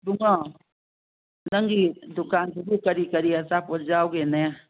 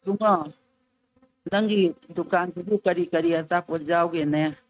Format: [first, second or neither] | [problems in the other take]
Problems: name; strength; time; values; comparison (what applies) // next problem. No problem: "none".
first | noise reduction (neural mask model RNNoise)